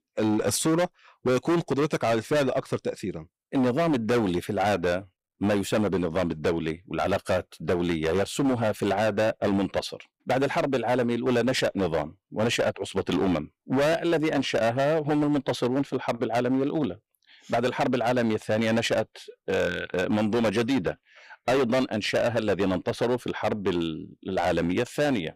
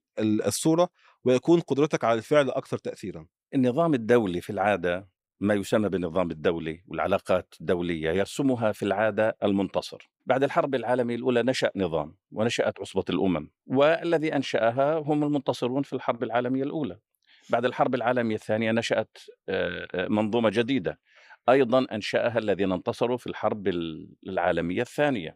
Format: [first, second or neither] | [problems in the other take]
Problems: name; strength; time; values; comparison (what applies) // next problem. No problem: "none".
second | distortion; heavy; 16% of the sound clipped